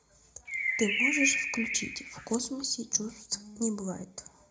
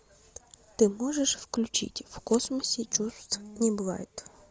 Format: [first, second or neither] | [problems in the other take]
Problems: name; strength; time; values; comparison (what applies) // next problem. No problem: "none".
second | background sound (Bird); 3 dB above the speech // room echo; dies away in 0.2 s